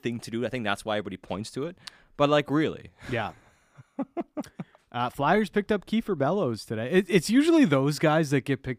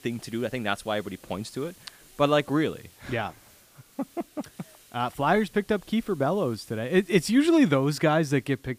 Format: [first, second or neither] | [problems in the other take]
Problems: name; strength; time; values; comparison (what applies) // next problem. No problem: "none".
first | hiss; faint; throughout; 25 dB below the speech